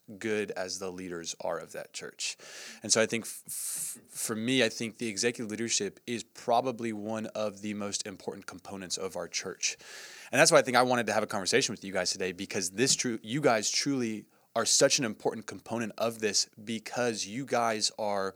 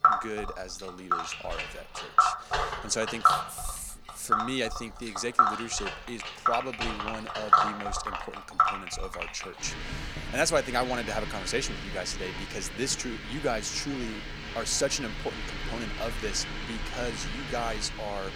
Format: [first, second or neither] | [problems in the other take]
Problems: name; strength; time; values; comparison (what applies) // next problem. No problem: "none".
first | household noises; very loud; throughout; 2 dB above the speech